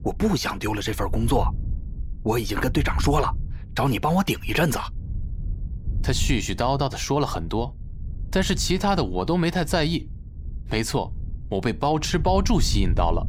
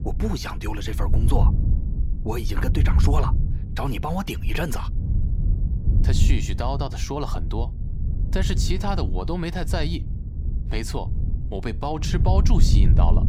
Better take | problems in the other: first | wind noise on the microphone; heavy; 9 dB below the speech; occasional gusts in the first

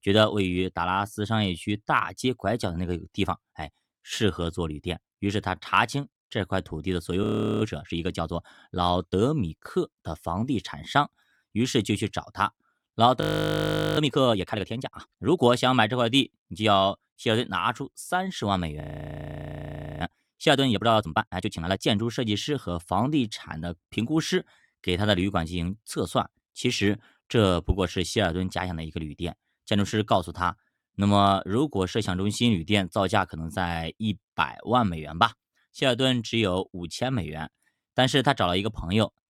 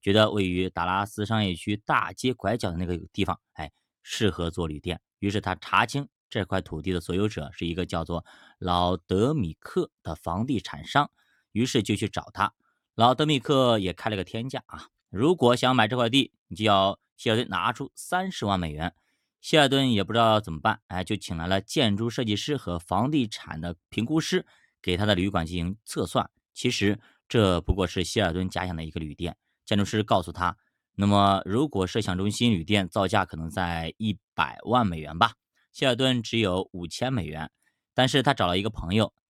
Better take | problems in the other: second | audio freezing; at 7 s, at 13 s for 1 s and at 19 s for 1 s

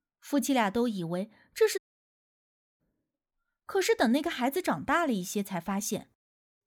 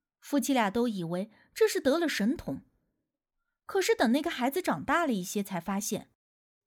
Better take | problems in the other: second | audio cutting out; at 2 s for 1 s

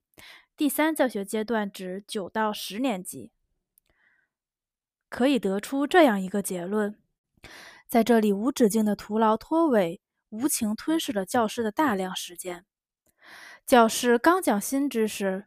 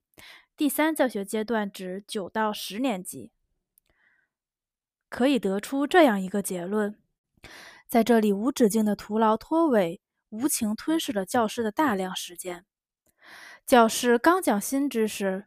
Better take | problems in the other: neither | none

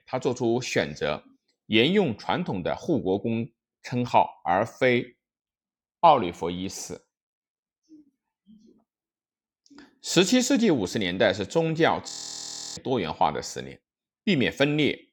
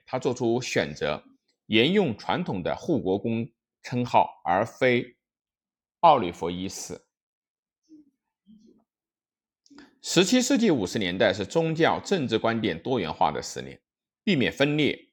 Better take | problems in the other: second | audio freezing; at 12 s for 0.5 s

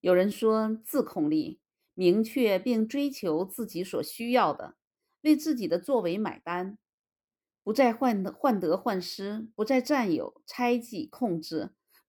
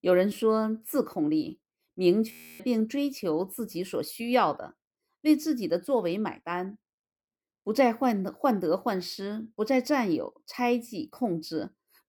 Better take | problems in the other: first | audio freezing; at 2.5 s

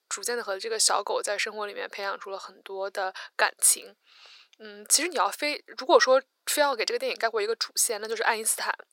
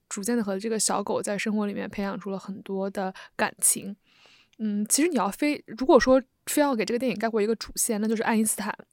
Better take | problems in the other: second | thin; very; fading below 450 Hz

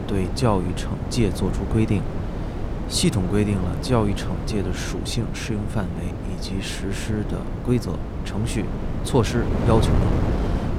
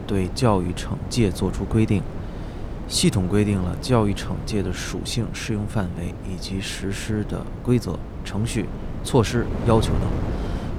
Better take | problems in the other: second | wind noise on the microphone; heavy; 5 dB below the speech; occasional gusts in the second

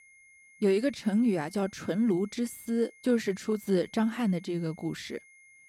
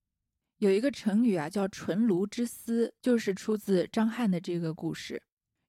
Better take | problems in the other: second | high-pitched whine; faint; throughout; 2 kHz, 25 dB below the speech

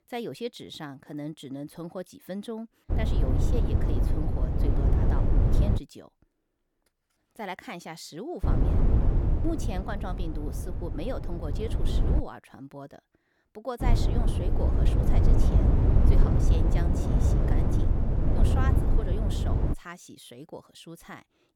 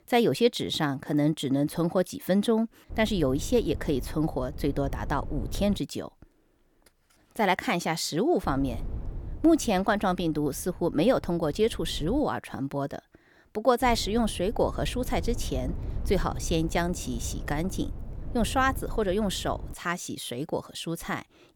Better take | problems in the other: second | wind noise on the microphone; heavy; from 3 to 6 s, from 8.5 to 12 s and from 14 to 20 s; 2 dB above the speech; occasional gusts in the second

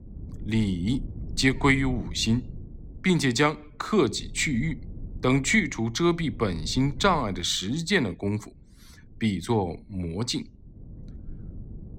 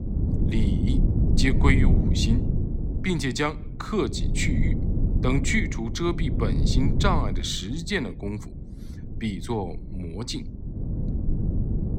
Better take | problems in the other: first | low rumble; loud; throughout; 7 dB below the speech; faint in the first

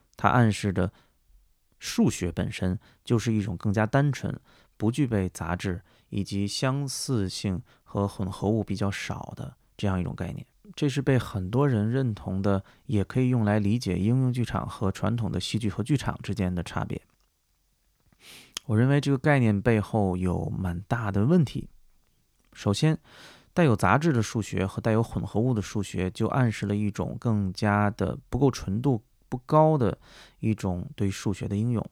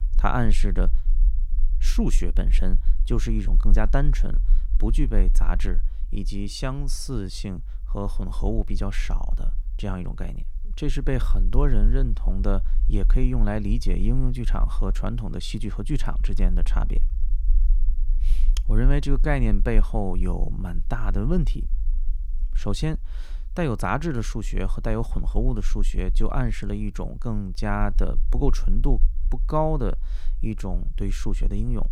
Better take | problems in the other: first | low rumble; faint; throughout; 20 dB below the speech

